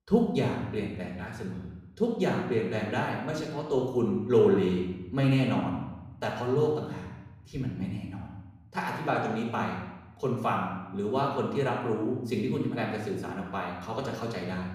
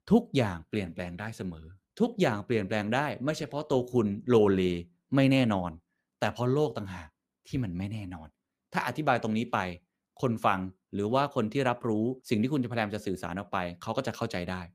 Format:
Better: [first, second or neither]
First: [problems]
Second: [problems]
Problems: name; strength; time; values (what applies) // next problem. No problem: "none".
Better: second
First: off-mic speech; far // room echo; noticeable; dies away in 0.9 s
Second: none